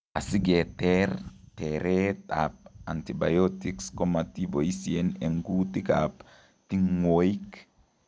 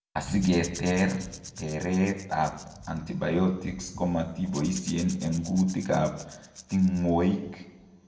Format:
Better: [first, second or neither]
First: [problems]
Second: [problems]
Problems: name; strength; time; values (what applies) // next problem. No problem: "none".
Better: first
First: none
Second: background sound (Rattle / Rattle (instrument)); 18 dB below the speech // room echo; dies away in 0.8 s